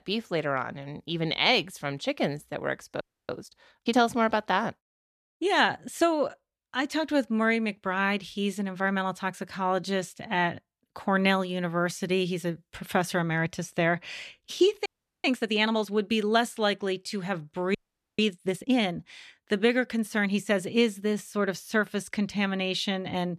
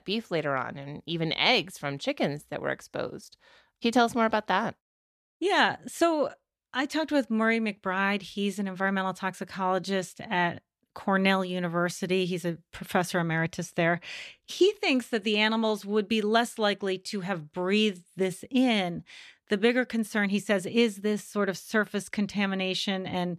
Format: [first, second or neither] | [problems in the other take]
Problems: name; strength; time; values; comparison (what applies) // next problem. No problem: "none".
second | audio freezing; at 3 s, at 15 s and at 18 s